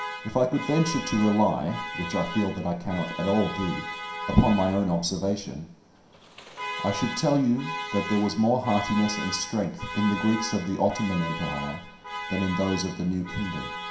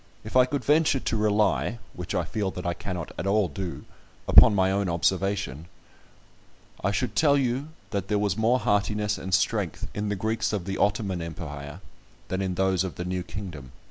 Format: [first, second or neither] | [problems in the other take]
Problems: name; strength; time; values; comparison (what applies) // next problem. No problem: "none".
second | background sound (Alarm); 9 dB below the speech // room echo; dies away in 0.5 s